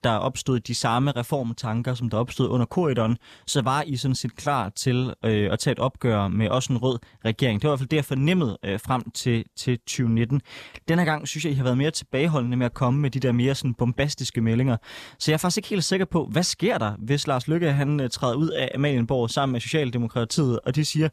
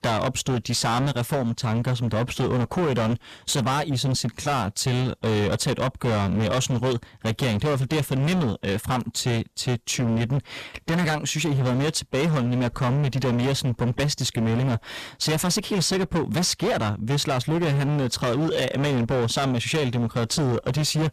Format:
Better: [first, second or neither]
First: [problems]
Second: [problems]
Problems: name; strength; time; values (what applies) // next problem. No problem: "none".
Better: first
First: none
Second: distortion; heavy; 27% of the sound clipped